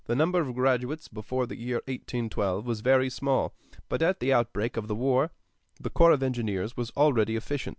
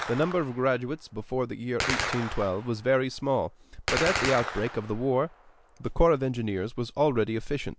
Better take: first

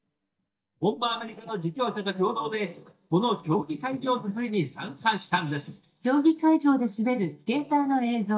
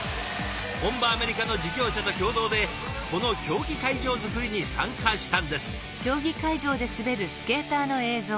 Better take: second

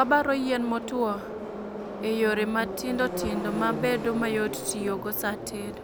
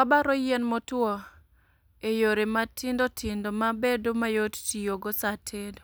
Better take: second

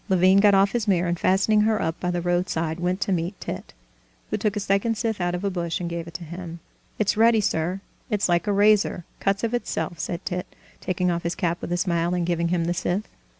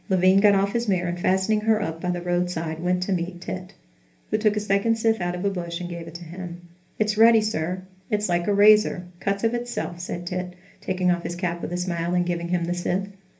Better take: first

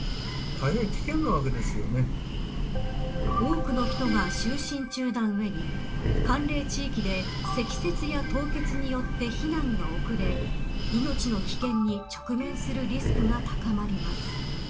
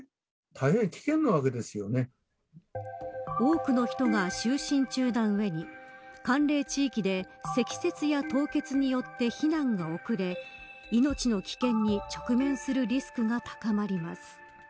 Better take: second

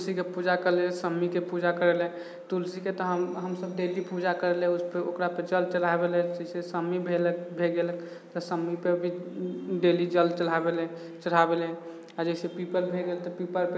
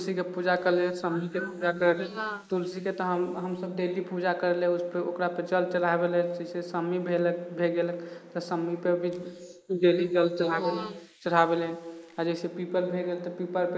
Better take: first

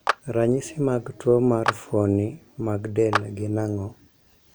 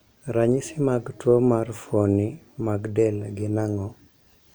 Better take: second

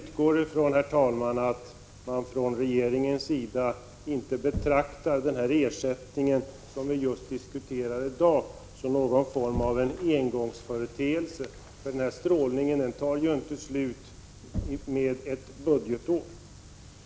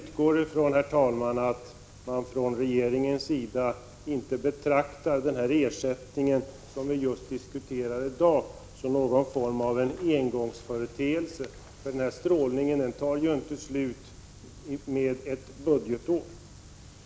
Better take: second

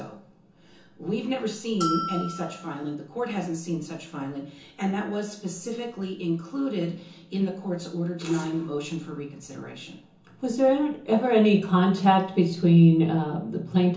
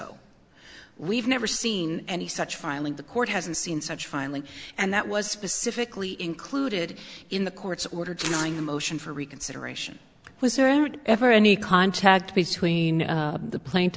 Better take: second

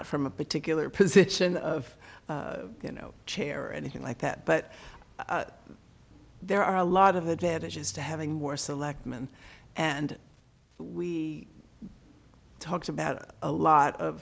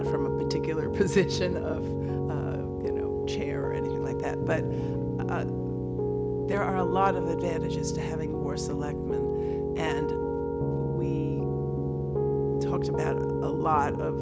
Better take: first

